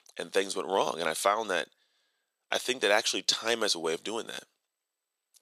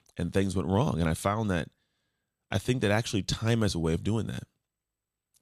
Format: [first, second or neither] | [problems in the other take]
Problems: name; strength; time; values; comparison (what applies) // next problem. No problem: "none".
second | thin; very; fading below 450 Hz